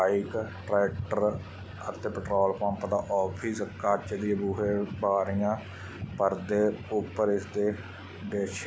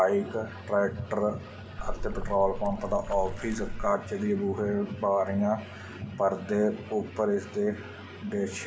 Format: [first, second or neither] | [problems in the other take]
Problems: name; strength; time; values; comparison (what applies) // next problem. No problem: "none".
first | background sound (Splash, splatter); 5 dB below the speech // room echo; dies away in 1.5 s